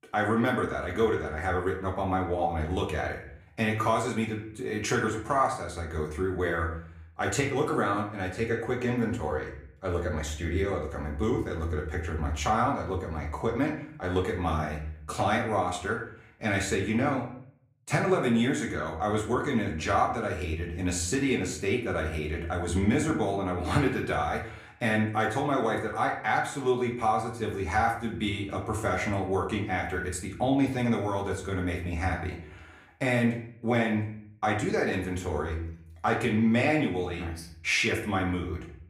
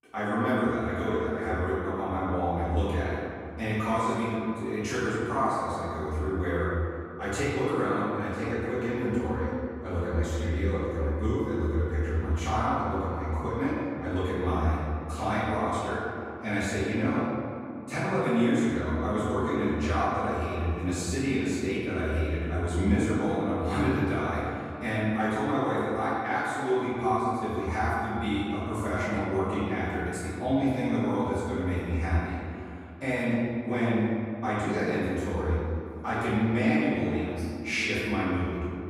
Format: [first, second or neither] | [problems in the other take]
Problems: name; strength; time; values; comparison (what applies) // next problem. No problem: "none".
first | room echo; strong; dies away in 2.6 s; slight in the first // off-mic speech; far; far in the first